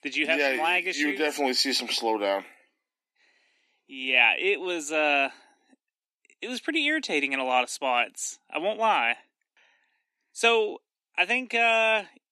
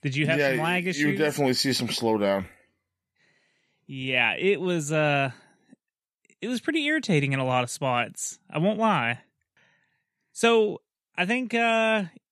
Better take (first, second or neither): second